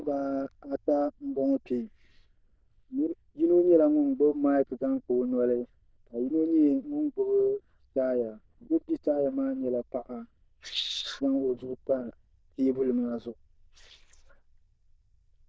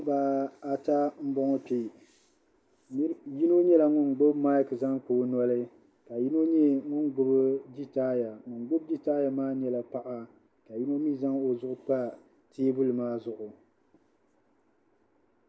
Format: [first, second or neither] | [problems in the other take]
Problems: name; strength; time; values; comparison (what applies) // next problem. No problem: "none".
second | noise reduction (neural diffusion model UNIVERSE++)